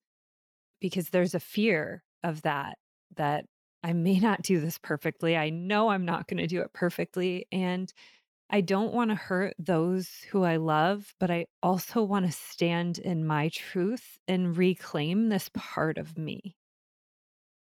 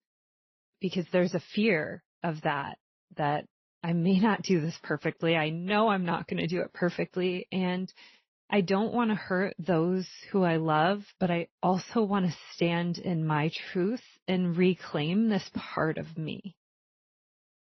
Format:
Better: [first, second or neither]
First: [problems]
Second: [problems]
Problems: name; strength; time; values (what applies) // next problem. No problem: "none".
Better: first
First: none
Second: garbled, watery; slightly; nothing above 6 kHz